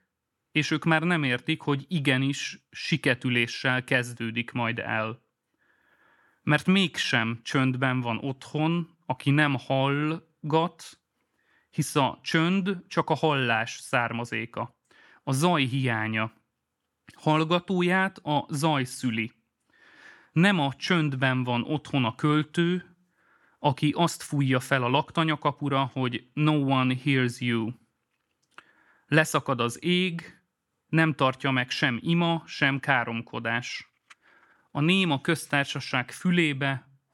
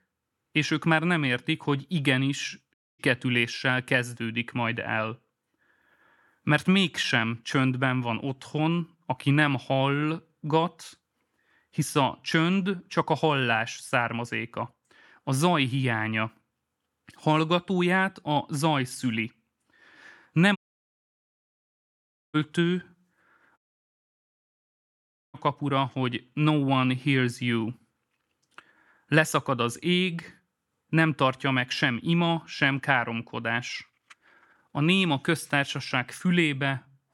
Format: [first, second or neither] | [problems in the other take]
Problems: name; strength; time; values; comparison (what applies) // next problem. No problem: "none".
first | audio cutting out; at 2.5 s, at 21 s for 2 s and at 24 s for 2 s